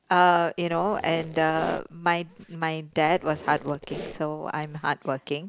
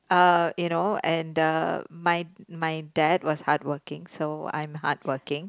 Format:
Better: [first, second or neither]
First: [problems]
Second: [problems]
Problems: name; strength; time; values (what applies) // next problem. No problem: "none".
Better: second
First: background sound (Squeak); 16 dB below the speech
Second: none